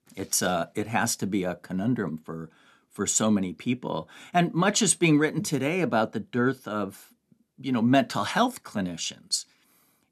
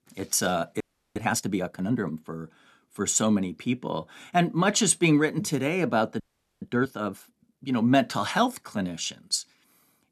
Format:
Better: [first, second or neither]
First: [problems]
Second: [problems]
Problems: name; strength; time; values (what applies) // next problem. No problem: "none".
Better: first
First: none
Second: audio freezing; at 1 s and at 6 s